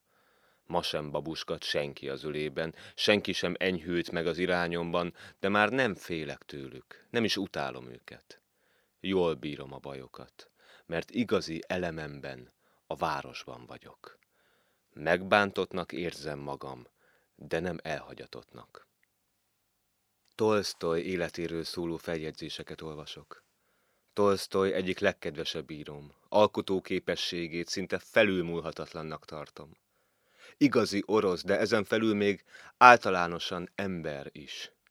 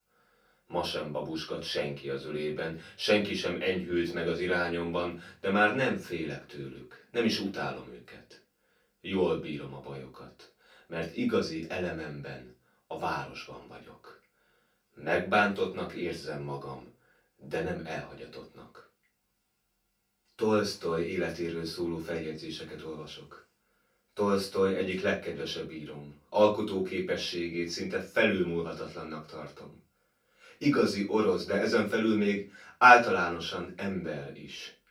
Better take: first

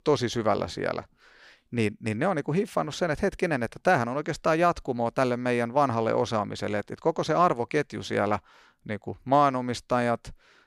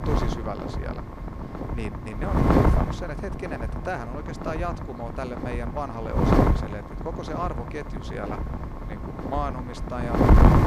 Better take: first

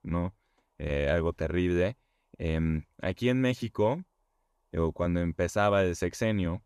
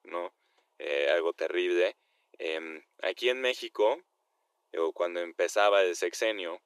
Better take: first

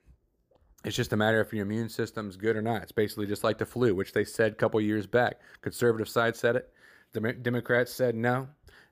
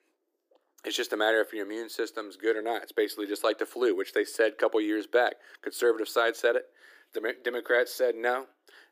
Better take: first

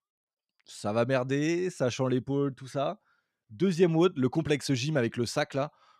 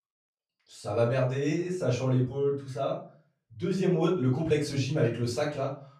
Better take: first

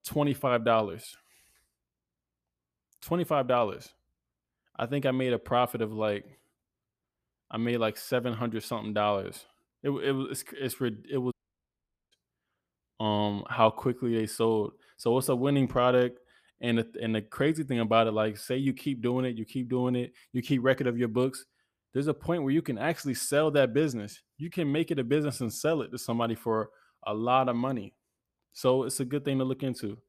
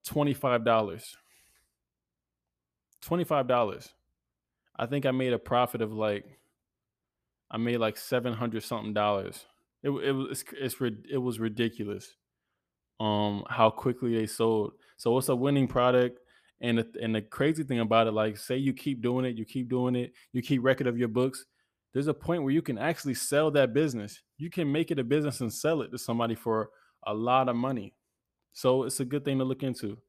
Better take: second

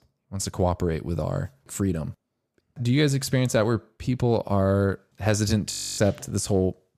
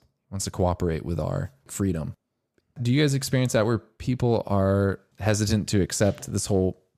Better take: second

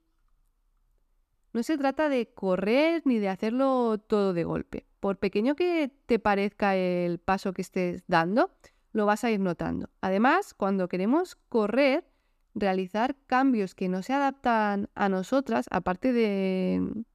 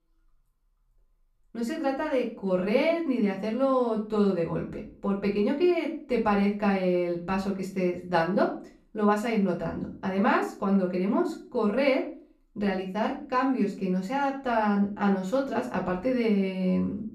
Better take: first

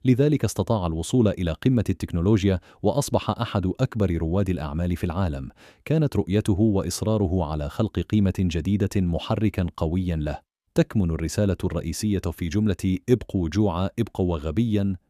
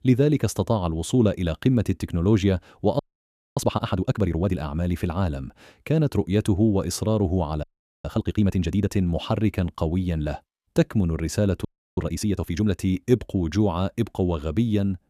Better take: first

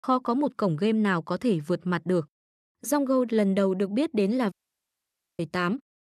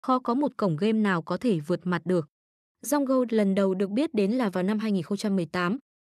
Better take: second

